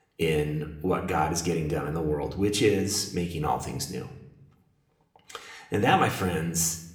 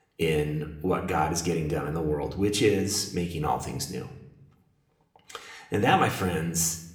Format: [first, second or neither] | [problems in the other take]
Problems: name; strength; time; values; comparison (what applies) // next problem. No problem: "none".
neither | room echo; very slight; dies away in 0.6 s; the same in both